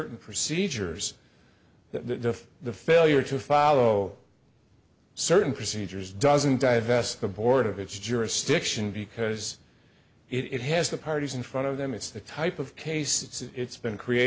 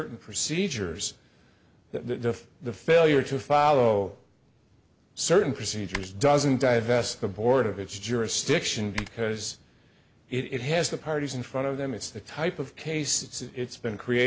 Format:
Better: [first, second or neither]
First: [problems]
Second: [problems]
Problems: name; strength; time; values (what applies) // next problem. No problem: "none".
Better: first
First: none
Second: background sound (Typing); 16 dB below the speech